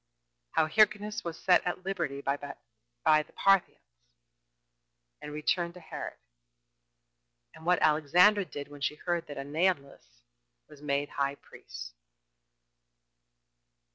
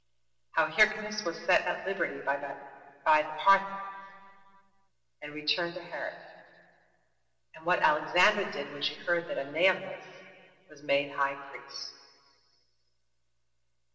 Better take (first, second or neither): first